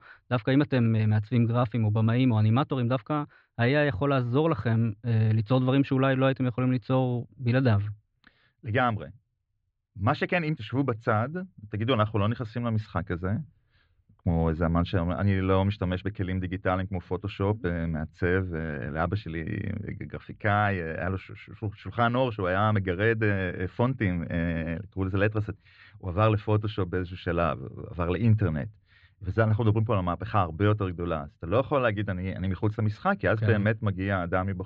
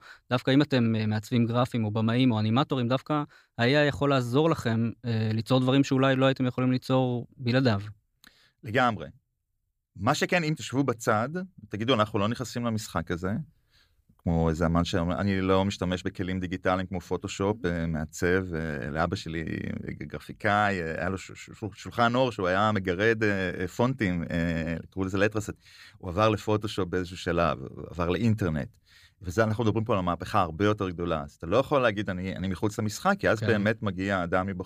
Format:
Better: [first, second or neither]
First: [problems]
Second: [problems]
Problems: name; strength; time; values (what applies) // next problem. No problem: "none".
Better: second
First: muffled; slightly; fading above 3 kHz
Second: none